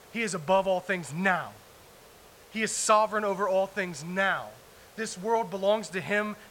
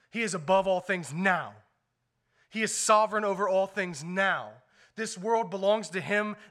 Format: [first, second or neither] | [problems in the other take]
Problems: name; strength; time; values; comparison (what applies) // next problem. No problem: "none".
second | hiss; faint; throughout; 25 dB below the speech